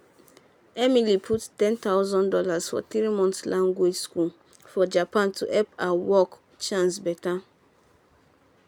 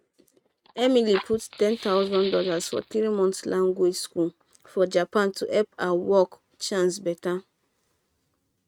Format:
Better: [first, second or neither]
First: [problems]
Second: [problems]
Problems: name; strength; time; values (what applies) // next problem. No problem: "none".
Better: first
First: none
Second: noise reduction (neural mask model RNNoise)